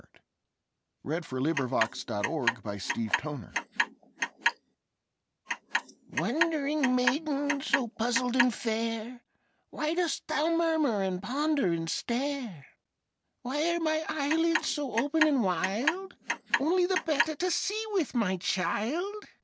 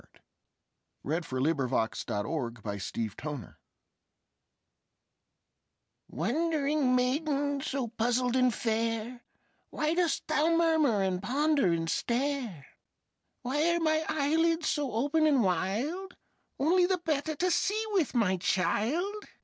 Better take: second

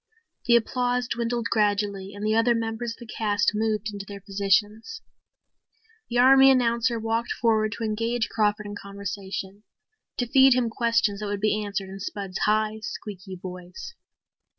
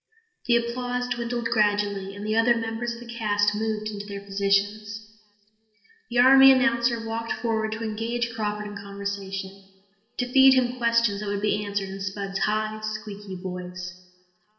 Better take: first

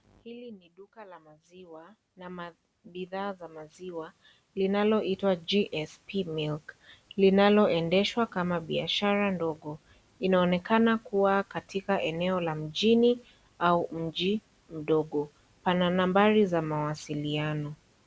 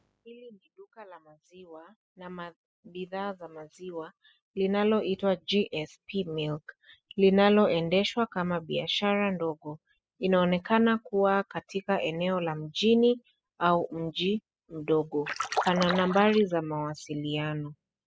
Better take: first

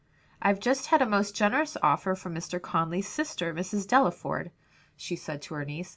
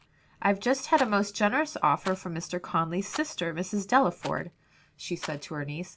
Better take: first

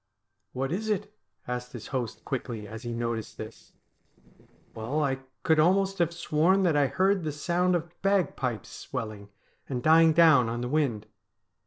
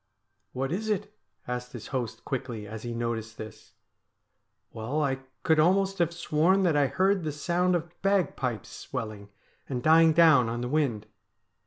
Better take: second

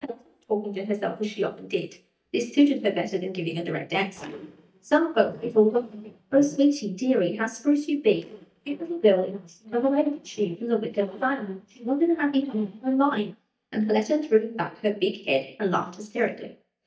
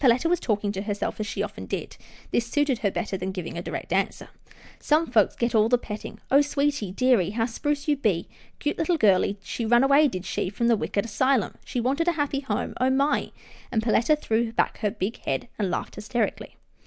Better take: second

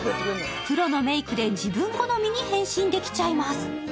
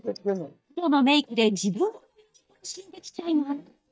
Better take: first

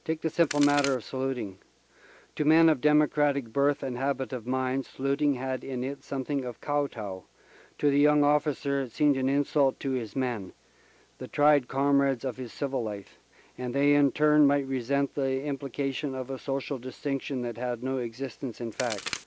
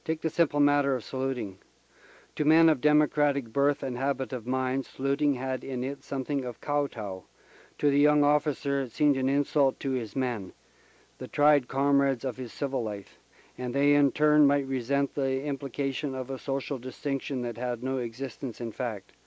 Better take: second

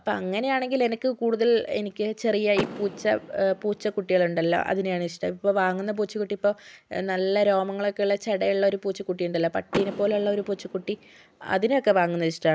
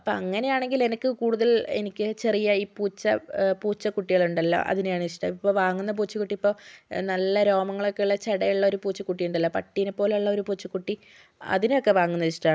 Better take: second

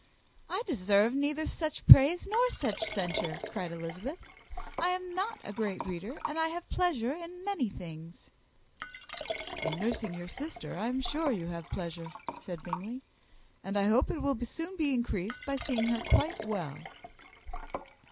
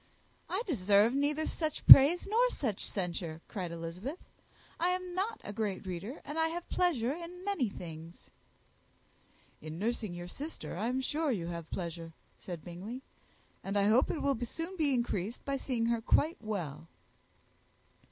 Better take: second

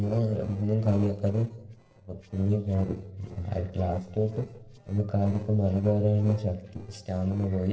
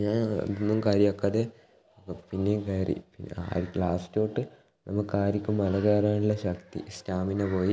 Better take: second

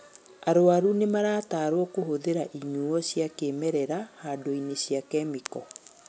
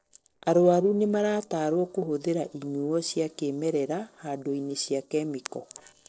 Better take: first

